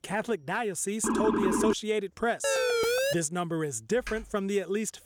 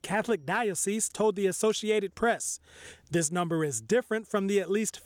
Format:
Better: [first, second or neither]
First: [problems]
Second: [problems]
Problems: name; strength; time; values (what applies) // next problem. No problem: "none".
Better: second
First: siren; loud; at 1 s and at 2.5 s; peak 4 dB above the speech // keyboard typing; faint; at 4 s; peak 10 dB below the speech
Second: none